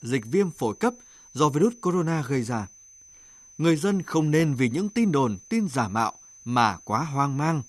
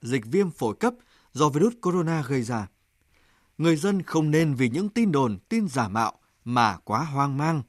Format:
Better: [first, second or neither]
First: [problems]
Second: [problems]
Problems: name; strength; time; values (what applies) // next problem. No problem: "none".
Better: second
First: high-pitched whine; faint; throughout; 6 kHz, 25 dB below the speech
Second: none